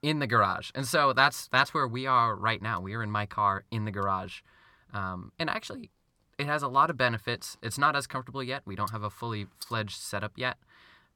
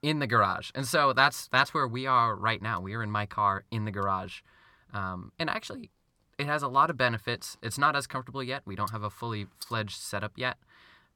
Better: neither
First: none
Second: none

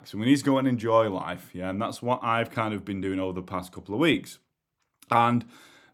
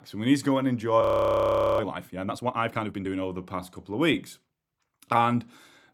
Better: first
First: none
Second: audio freezing; at 1 s for 1 s

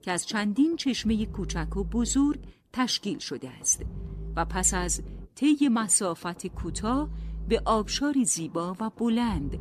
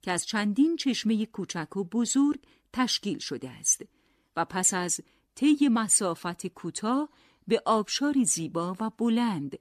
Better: second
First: low rumble; faint; throughout; 25 dB below the speech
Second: none

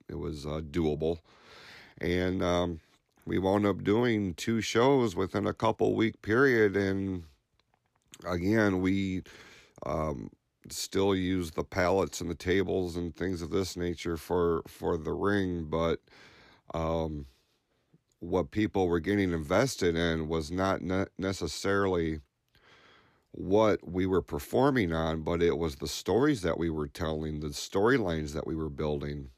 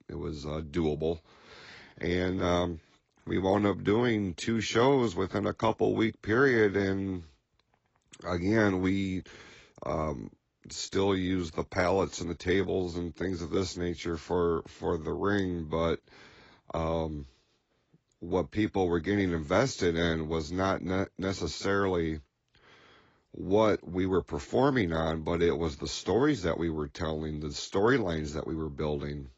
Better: first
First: none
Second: garbled, watery; badly; nothing above 7.5 kHz

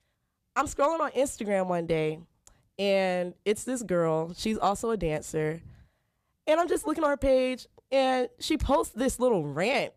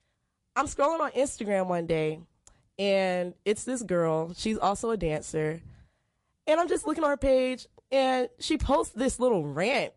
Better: first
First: none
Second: garbled, watery; slightly

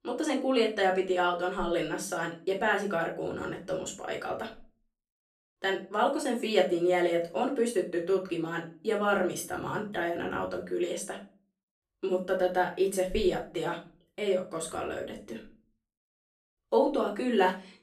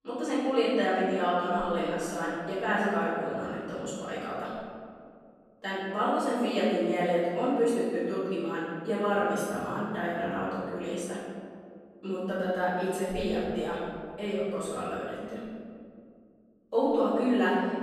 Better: first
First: room echo; slight; dies away in 0.3 s // off-mic speech; far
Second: room echo; strong; dies away in 2.1 s // off-mic speech; far

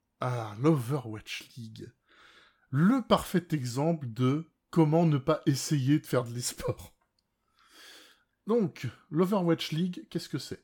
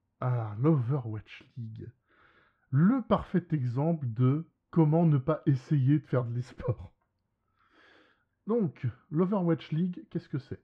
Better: first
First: none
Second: muffled; very; fading above 2 kHz

